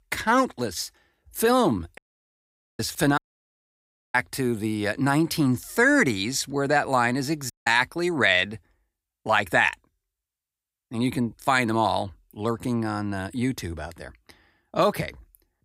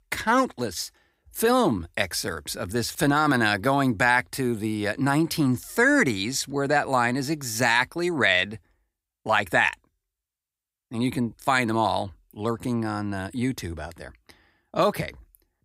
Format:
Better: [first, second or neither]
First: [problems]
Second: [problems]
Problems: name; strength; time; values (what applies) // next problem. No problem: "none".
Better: second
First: audio cutting out; at 2 s for 1 s, at 3 s for 1 s and at 7.5 s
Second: none